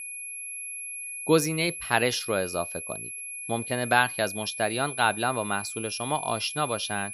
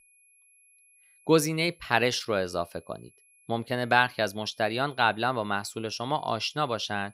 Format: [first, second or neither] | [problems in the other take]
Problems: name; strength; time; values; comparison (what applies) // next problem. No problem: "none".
second | high-pitched whine; loud; throughout; 11 kHz, 7 dB below the speech; faint in the second